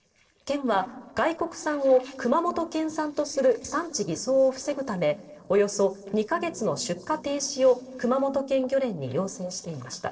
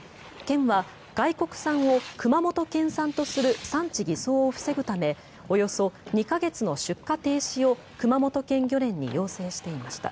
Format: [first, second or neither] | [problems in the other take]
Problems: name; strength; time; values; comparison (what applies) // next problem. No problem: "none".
second | noise reduction (neural separator model SepFormer DNS4)